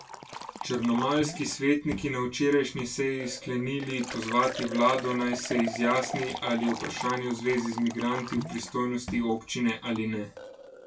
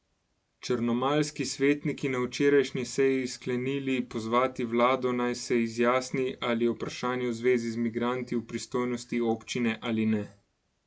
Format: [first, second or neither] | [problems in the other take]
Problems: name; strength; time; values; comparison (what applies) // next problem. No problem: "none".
second | background sound (Liquid); 11 dB below the speech // room echo; dies away in 0.2 s